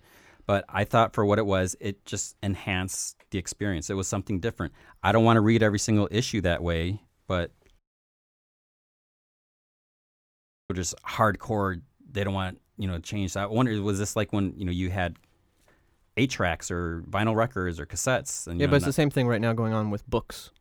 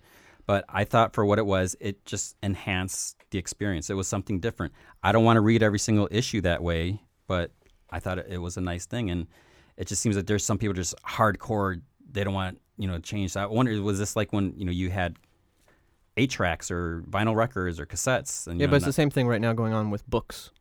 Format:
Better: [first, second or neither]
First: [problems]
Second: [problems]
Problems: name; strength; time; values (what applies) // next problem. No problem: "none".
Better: second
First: audio cutting out; at 8 s for 3 s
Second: none